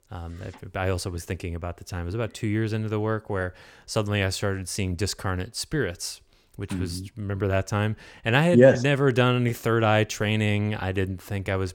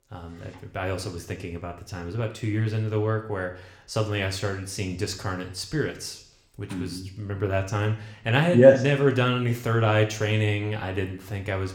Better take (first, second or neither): first